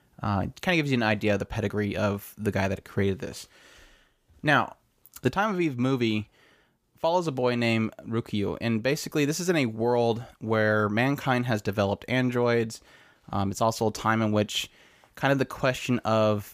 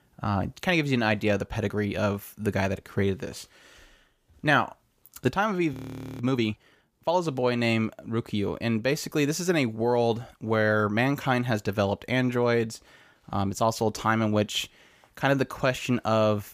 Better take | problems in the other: first | audio freezing; at 5.5 s

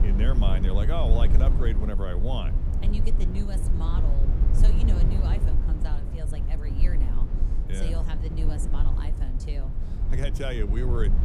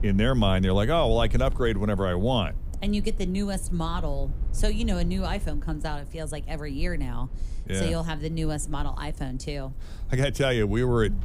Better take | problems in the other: second | low rumble; loud; throughout; 4 dB below the speech; faint in the second

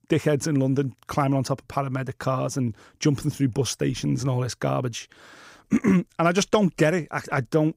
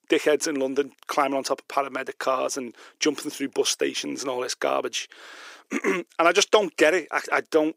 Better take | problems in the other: first | thin; somewhat; fading below 350 Hz

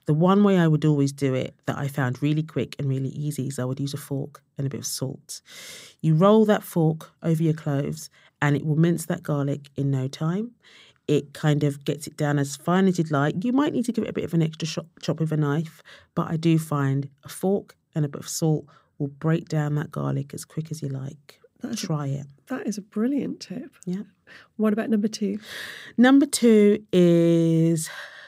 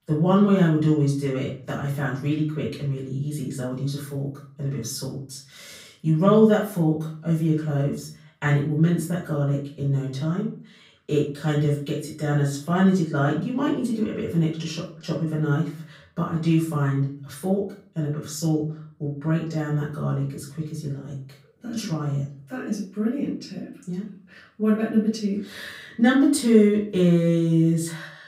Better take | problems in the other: first | room echo; slight; dies away in 0.4 s // off-mic speech; far

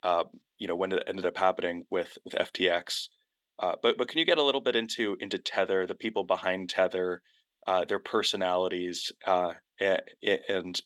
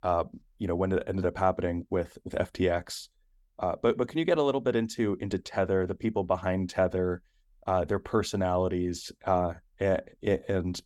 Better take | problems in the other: second | thin; somewhat; fading below 300 Hz

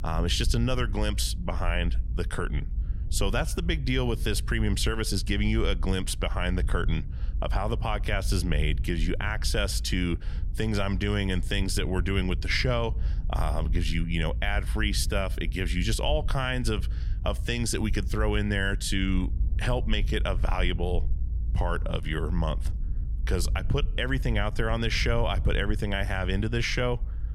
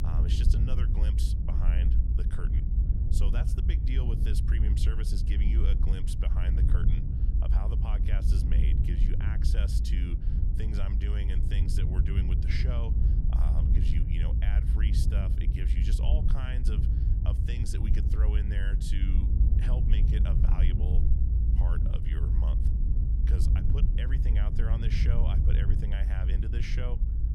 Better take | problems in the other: first | low rumble; loud; throughout; 1 dB below the speech; faint in the first

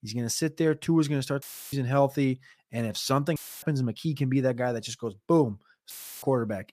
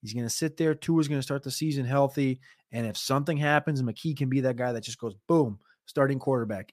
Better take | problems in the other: second | audio cutting out; filled with static; at 1.5 s, at 3.5 s and at 6 s

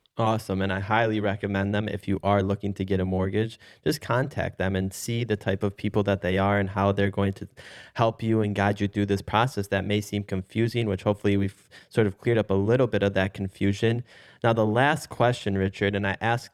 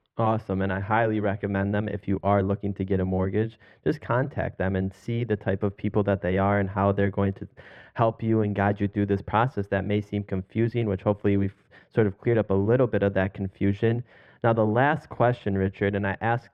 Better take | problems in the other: first | muffled; very; fading above 4 kHz

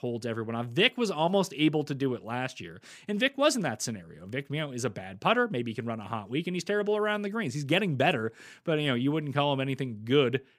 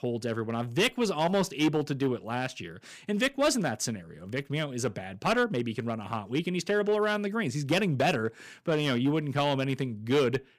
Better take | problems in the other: first | distortion; slight; 4% of the sound clipped

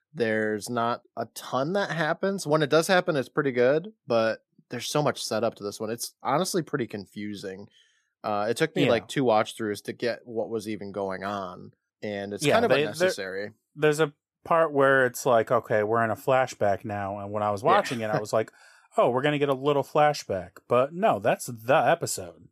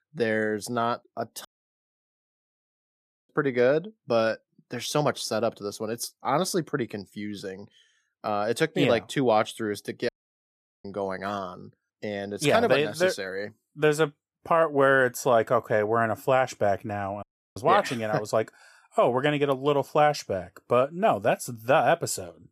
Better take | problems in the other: first | audio cutting out; at 1.5 s for 2 s, at 10 s for 1 s and at 17 s

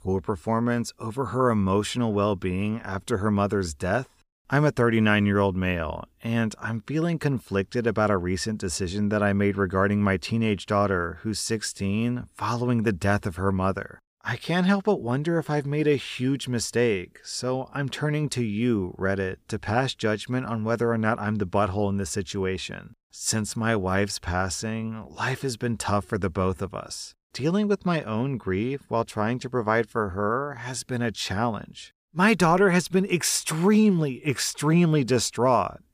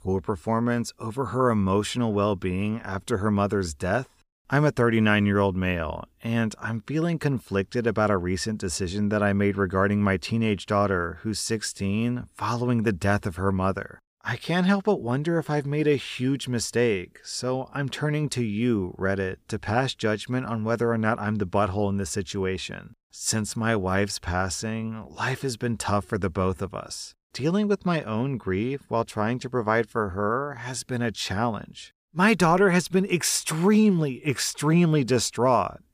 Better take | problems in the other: neither | none

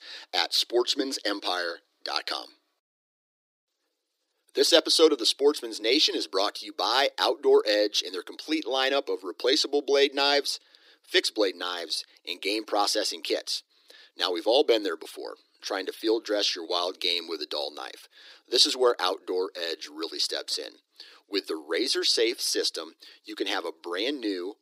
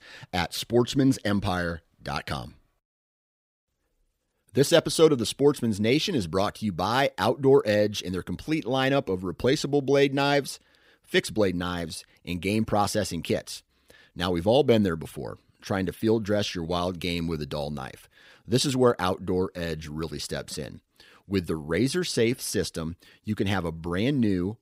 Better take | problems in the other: second | thin; somewhat; fading below 300 Hz

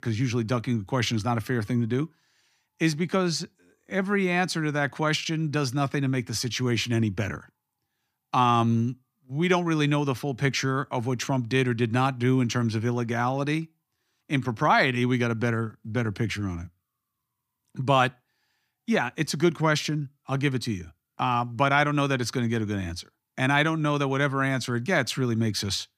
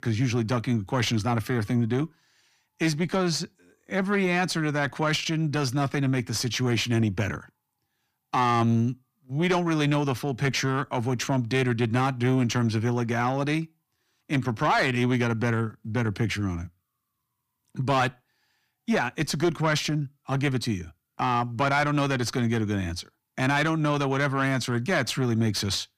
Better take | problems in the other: first | distortion; slight; 10 dB below the speech

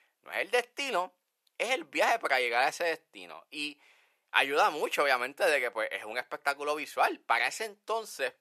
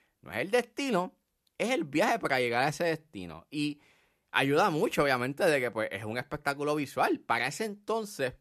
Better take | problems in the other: second | thin; very; fading below 650 Hz

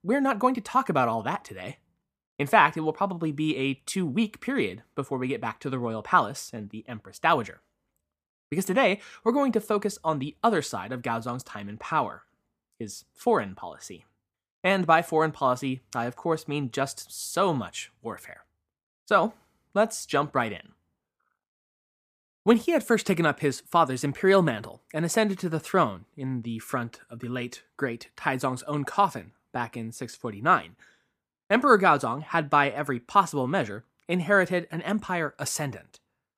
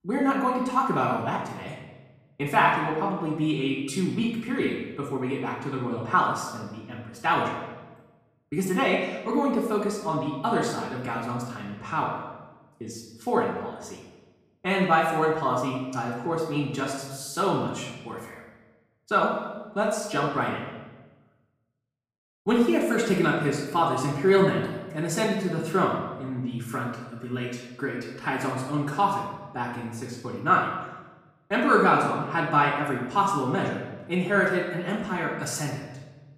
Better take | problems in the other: first | room echo; noticeable; dies away in 1 s // off-mic speech; far

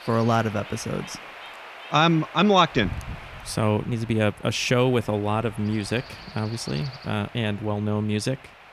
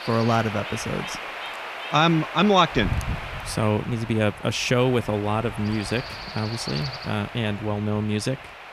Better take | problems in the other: first | wind noise on the microphone; heavy; 8 dB below the speech; occasional gusts in the first

